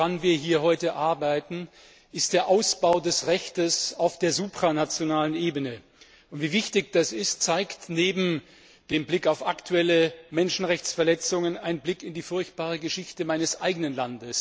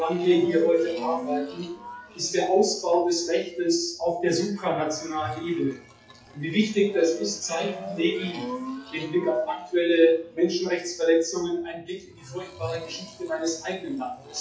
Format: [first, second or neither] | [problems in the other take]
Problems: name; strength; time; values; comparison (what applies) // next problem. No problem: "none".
first | noise reduction (classical method WPE with log-MMSE)